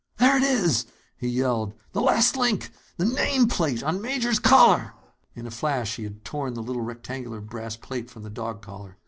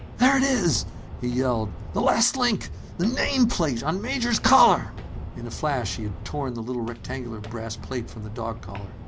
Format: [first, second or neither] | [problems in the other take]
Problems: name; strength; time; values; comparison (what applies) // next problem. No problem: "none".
first | background sound (Walk, footsteps); 12 dB below the speech